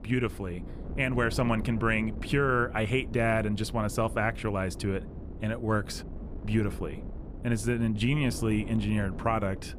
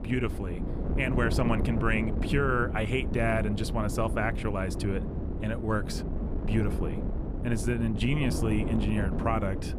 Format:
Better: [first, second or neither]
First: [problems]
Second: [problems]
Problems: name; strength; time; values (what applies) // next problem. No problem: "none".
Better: first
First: wind noise on the microphone; occasional gusts; 15 dB below the speech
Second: wind noise on the microphone; heavy; 8 dB below the speech